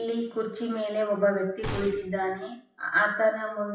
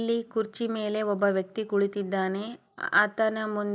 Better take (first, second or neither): second